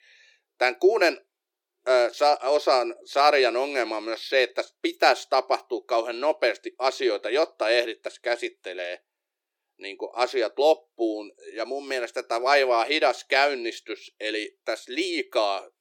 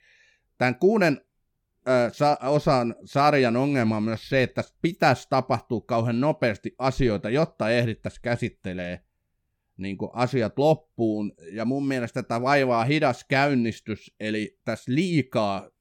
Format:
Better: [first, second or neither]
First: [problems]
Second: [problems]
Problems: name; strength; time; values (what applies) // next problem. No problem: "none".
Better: second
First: thin; very; fading below 350 Hz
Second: none